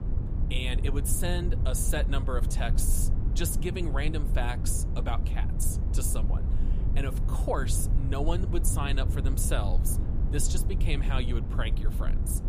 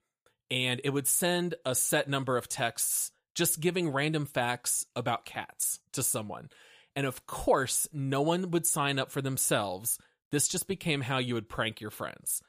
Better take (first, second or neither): second